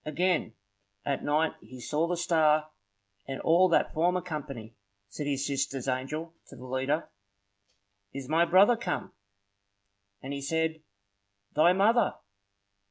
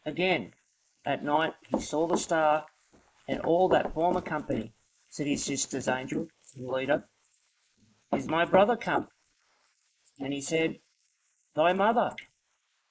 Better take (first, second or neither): first